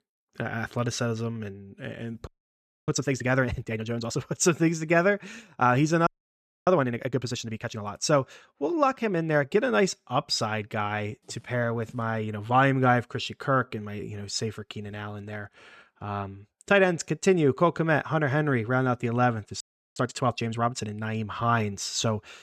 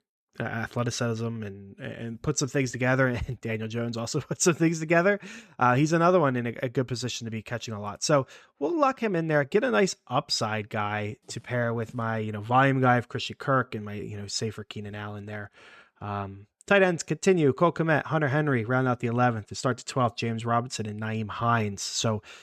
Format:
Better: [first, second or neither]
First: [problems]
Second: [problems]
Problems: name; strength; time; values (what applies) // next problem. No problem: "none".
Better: second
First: audio freezing; at 2.5 s for 0.5 s, at 6 s for 0.5 s and at 20 s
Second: none